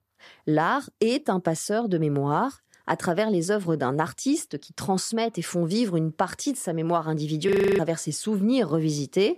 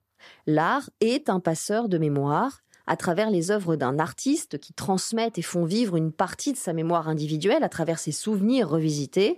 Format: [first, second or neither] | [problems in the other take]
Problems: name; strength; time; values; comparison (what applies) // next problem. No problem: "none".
second | audio freezing; at 7.5 s